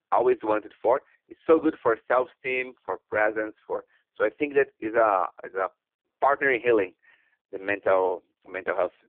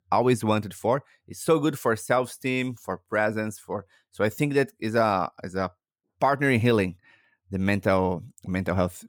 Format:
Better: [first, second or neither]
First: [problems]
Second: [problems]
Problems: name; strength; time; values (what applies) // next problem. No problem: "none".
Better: second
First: phone-call audio; poor line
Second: none